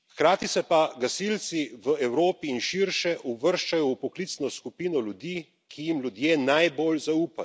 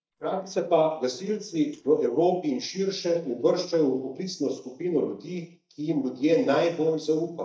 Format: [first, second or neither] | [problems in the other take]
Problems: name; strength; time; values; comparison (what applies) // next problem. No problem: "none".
first | noise reduction (neural mask model DeepFilterNet 3)